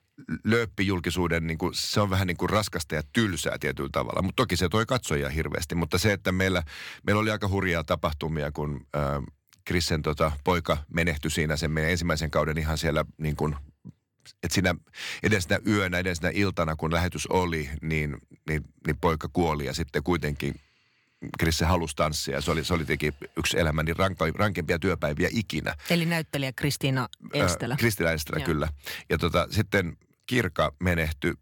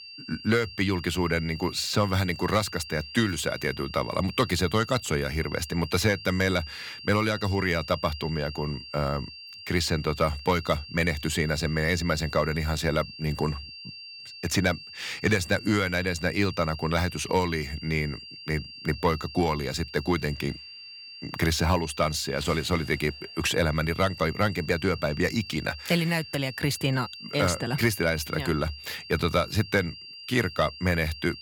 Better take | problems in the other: first | high-pitched whine; noticeable; throughout; 4.5 kHz, 15 dB below the speech

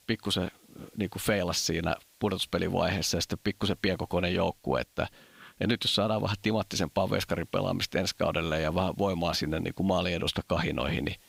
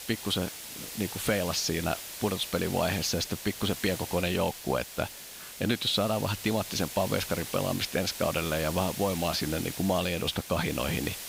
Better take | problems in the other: first | hiss; loud; throughout; 8 dB below the speech; faint in the first

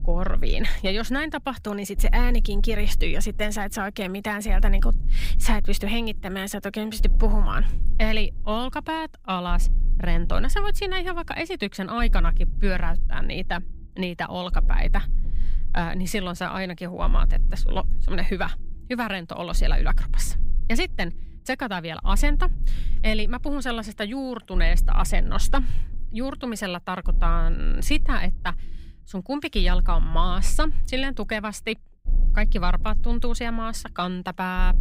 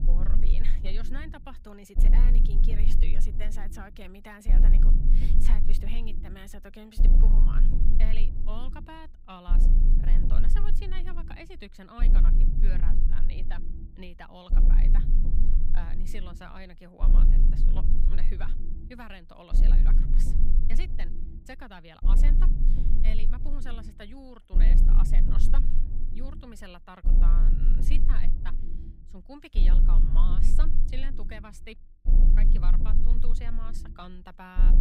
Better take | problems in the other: first | low rumble; loud; throughout; 3 dB below the speech; faint in the first

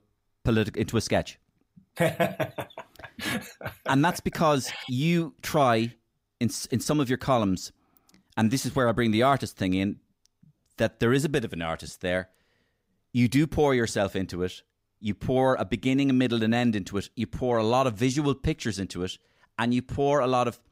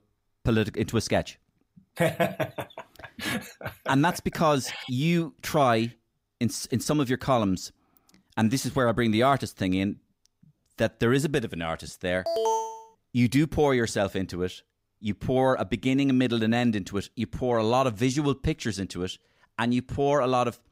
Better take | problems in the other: first | alarm; loud; at 12 s; peak level with the speech

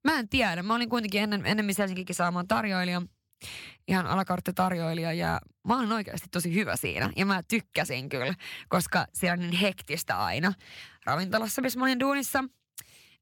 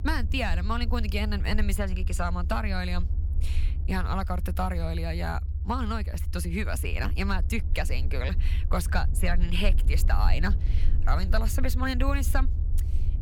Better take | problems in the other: first | low rumble; noticeable; throughout; 15 dB below the speech

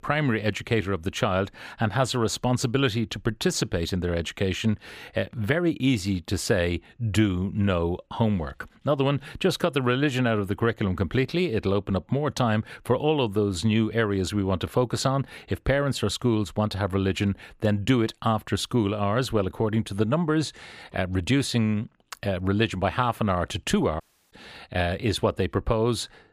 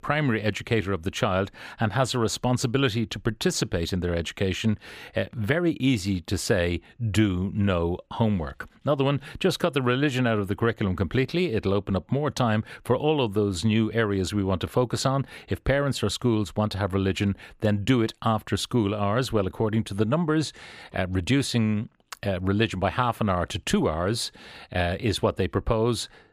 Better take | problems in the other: second | audio cutting out; at 24 s

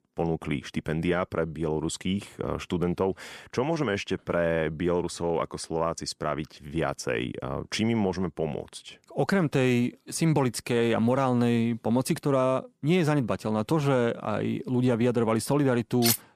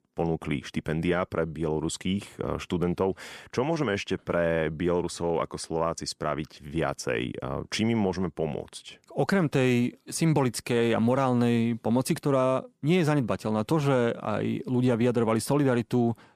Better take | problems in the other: second | clattering dishes; very faint; at 16 s; peak 1 dB above the speech

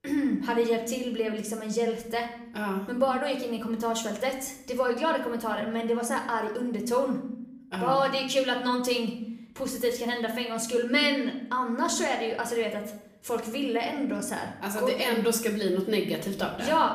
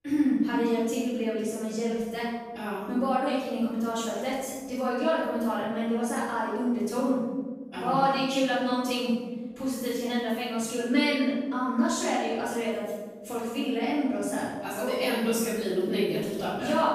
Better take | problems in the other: first | room echo; strong; dies away in 1.2 s; slight in the first // off-mic speech; far; somewhat distant in the first

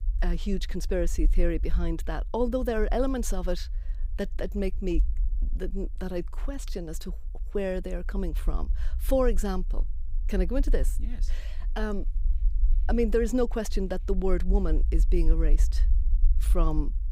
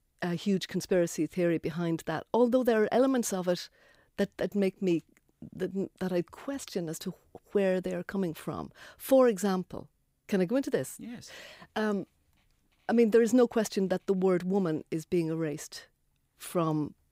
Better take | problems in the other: second | low rumble; faint; throughout; 25 dB below the speech

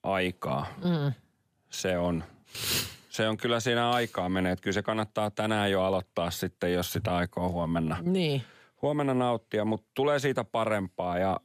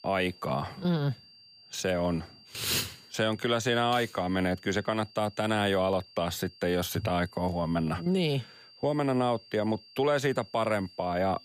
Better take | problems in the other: first | high-pitched whine; faint; throughout; 4.5 kHz, 25 dB below the speech

